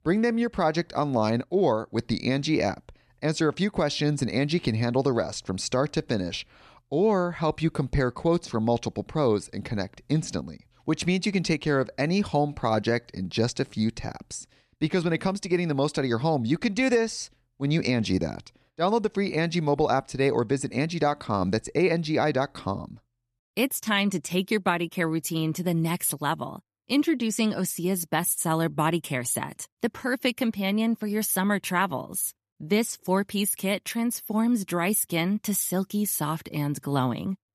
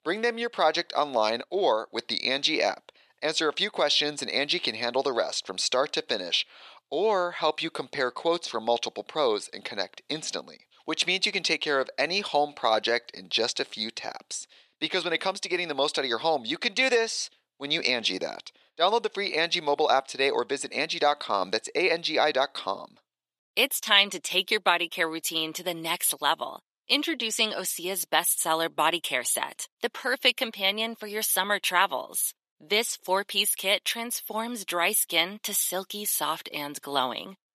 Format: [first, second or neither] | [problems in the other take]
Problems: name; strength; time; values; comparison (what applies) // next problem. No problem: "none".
first | thin; very; fading below 600 Hz